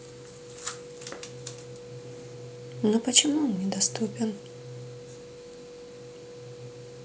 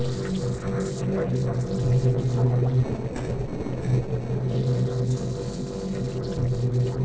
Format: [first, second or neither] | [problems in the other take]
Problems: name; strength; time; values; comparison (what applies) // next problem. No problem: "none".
first | noise reduction (neural separator model SepFormer DNS4)